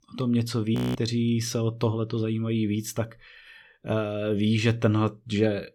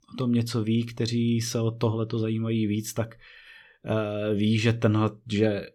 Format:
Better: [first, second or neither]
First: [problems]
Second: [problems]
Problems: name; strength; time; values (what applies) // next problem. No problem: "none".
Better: second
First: audio freezing; at 1 s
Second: none